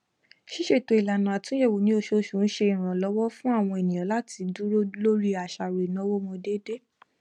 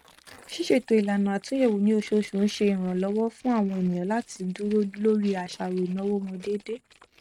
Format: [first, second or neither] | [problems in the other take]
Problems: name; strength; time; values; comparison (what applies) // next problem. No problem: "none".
first | noise reduction (neural mask model RNNoise)